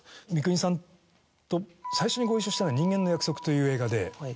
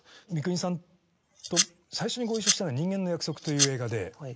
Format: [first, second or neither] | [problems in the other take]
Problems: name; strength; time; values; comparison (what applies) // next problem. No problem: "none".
first | noise reduction (neural mask model Resemble Enhance denoiser)